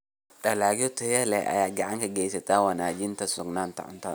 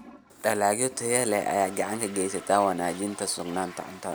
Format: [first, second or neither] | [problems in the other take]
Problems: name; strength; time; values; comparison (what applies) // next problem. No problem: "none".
first | background sound (Toilet flush); 19 dB below the speech